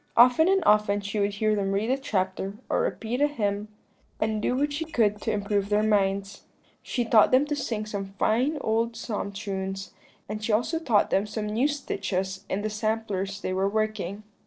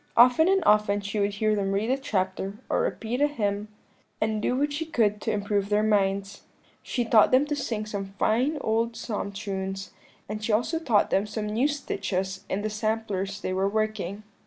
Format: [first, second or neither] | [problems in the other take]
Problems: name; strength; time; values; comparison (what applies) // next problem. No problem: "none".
second | noise reduction (neural separator model SepFormer DNS4)